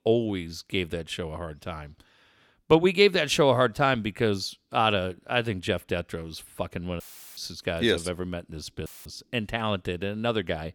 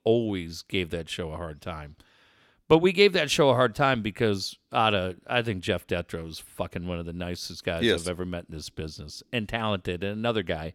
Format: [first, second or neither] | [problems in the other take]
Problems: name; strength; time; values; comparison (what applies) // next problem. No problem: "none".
second | audio cutting out; filled with static; at 7 s and at 9 s